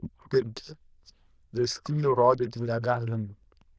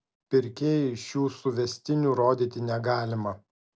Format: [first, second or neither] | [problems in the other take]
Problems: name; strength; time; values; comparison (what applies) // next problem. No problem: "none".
second | noise reduction (neural diffusion model UNIVERSE++)